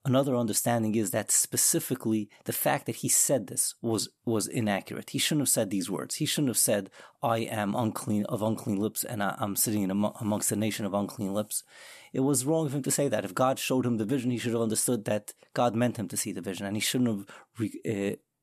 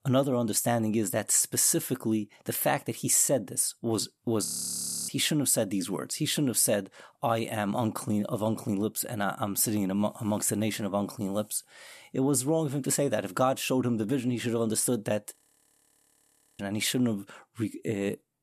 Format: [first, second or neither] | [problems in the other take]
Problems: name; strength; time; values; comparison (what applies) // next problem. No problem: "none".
first | audio freezing; at 4.5 s for 0.5 s and at 15 s for 1 s